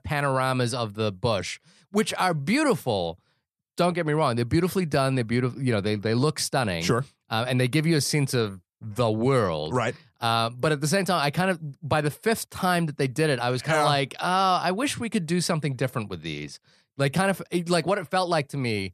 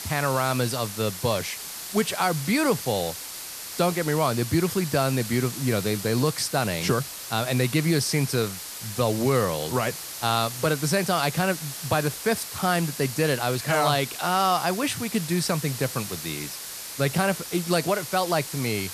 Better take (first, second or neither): first